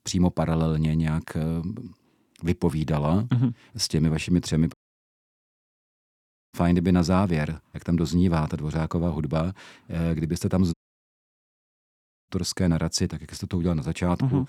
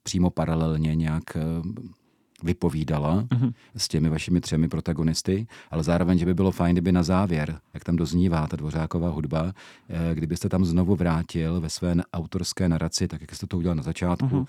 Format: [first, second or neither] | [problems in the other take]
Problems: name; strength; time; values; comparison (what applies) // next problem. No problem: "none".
second | audio cutting out; at 4.5 s for 2 s and at 11 s for 1.5 s